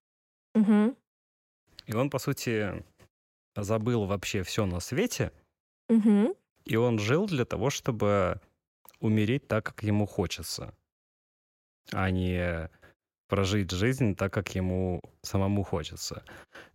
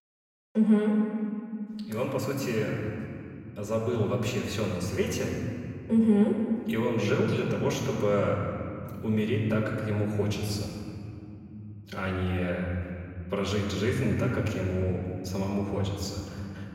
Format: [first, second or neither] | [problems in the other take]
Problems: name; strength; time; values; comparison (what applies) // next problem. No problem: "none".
first | off-mic speech; far // room echo; noticeable; dies away in 2.5 s